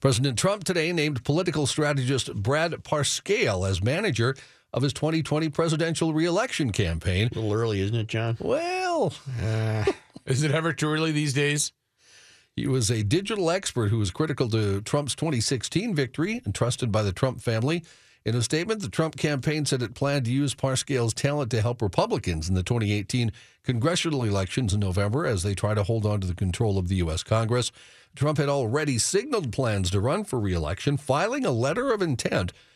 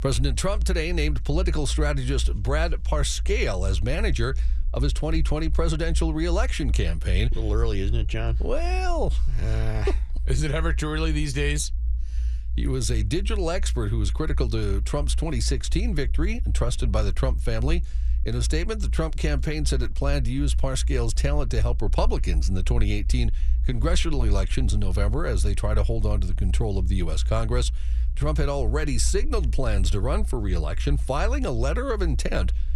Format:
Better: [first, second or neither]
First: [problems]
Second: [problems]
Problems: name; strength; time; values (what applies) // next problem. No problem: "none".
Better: first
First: none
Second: low rumble; noticeable; throughout; 20 dB below the speech